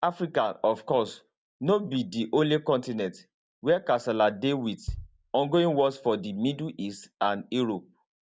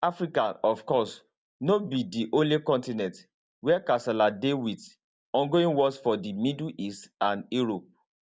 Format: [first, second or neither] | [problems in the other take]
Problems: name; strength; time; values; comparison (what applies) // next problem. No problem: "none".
second | background sound (Bass drum); 15 dB below the speech